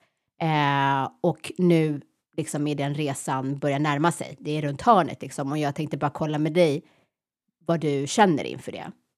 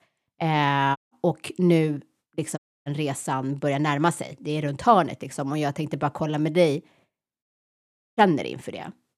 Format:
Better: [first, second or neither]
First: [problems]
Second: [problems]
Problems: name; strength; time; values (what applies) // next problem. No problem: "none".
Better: first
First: none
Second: audio cutting out; at 1 s, at 2.5 s and at 7.5 s for 0.5 s